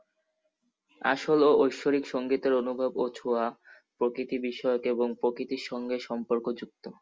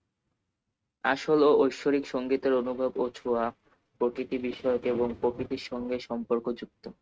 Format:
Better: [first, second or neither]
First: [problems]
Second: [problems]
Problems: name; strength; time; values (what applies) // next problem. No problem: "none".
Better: first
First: none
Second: noise reduction (neural mask model RNNoise)